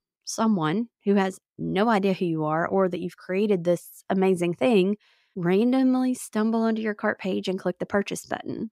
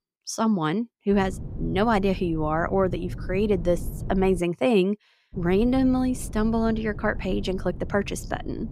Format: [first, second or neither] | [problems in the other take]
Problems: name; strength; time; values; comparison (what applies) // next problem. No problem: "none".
first | low rumble; faint; from 1 to 4.5 s and from 5.5 s on; 20 dB below the speech